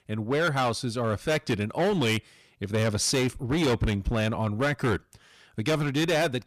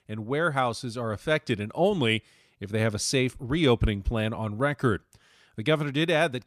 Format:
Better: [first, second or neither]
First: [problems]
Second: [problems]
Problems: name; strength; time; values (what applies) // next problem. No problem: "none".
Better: second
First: distortion; heavy; 15% of the sound clipped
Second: none